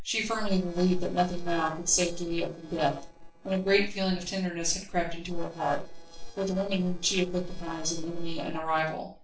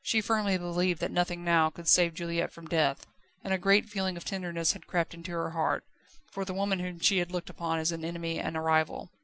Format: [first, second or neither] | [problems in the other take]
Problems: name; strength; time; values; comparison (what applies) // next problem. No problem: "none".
second | noise reduction (neural separator model SepFormer DNS4)